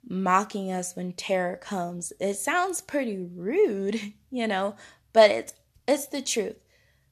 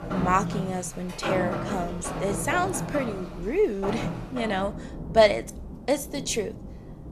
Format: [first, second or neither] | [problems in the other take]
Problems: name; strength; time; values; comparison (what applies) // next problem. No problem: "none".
first | rain or running water; loud; throughout; 6 dB below the speech